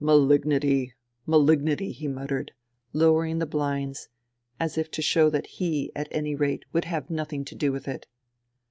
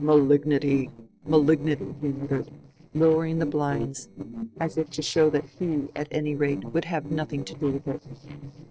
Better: first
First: none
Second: noise reduction (neural separator model SepFormer DNS4)

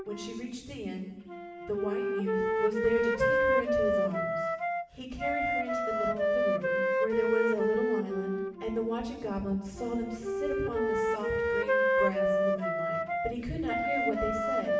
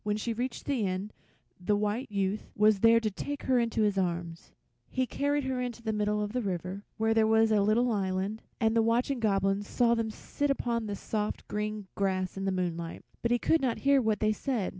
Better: second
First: background sound (Wind instrument, woodwind instrument); 4 dB above the speech // room echo; dies away in 1 s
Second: none

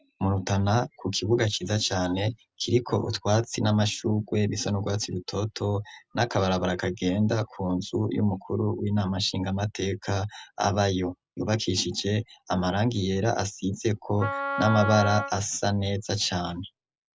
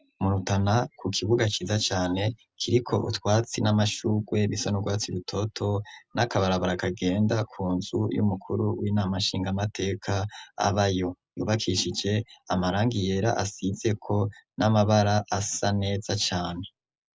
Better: second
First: background sound (Wind instrument, woodwind instrument); 5 dB below the speech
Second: none

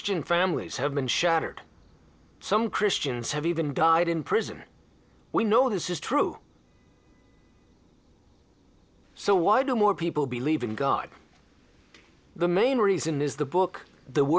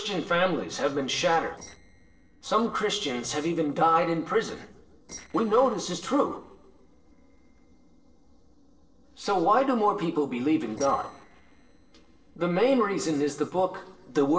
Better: first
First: none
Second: noise reduction (neural separator model SepFormer DNS4)

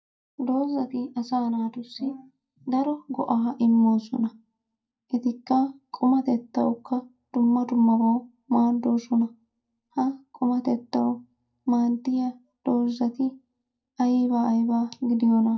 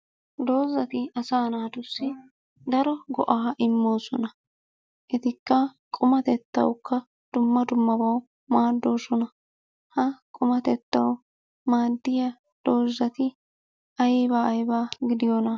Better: second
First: room echo; dies away in 0.2 s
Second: none

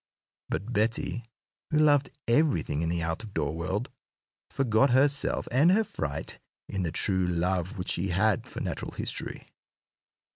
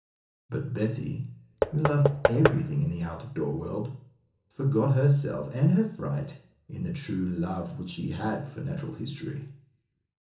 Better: first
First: none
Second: background sound (Knock / Wood); 1 dB below the speech // room echo; dies away in 0.7 s

